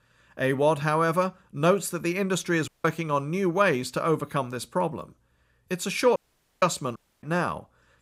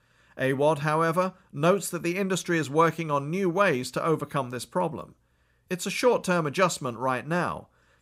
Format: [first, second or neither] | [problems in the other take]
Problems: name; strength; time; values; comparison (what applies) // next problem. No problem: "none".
second | audio cutting out; at 2.5 s, at 6 s and at 7 s